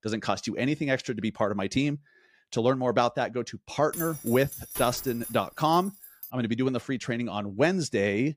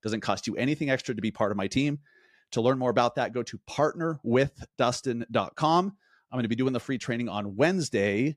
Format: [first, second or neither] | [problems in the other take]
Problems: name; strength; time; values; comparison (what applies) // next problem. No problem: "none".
second | jangling keys; noticeable; from 4 to 6.5 s; peak 7 dB below the speech